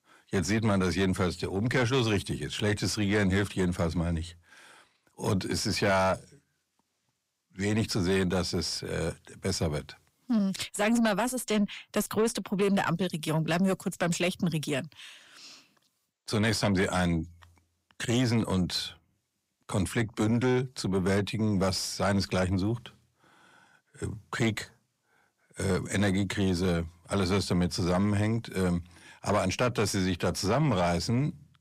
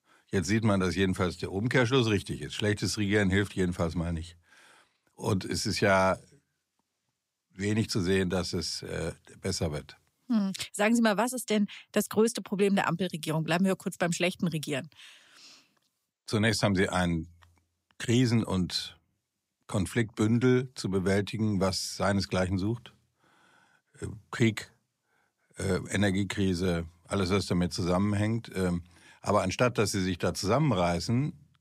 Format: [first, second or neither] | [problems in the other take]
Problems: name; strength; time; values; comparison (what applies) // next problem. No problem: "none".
second | distortion; slight; 10 dB below the speech